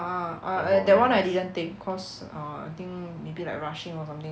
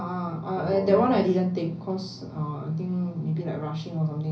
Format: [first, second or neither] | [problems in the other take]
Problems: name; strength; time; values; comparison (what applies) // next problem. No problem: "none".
first | room echo; dies away in 0.5 s